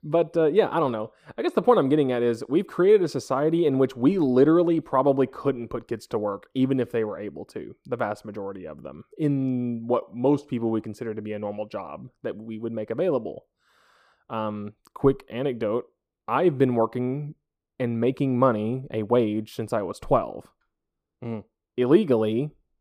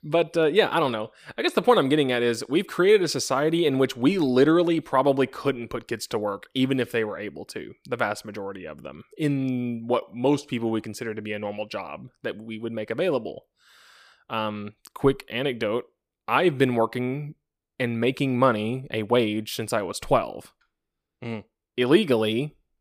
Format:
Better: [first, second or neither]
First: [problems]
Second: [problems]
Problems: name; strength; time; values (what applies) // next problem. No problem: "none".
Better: second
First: muffled; slightly; fading above 1 kHz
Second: none